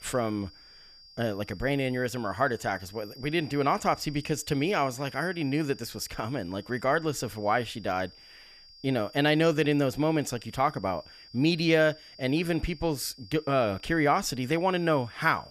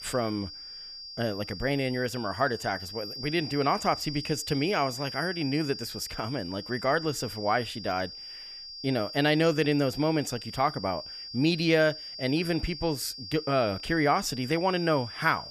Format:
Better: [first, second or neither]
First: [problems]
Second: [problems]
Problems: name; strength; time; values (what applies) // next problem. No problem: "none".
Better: first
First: high-pitched whine; faint; throughout; 5 kHz, 20 dB below the speech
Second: high-pitched whine; loud; throughout; 5 kHz, 10 dB below the speech